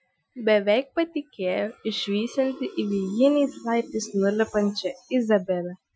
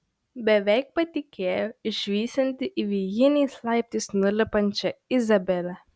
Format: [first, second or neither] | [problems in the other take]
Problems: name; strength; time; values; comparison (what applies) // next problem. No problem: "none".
second | noise reduction (classical method Wiener filter)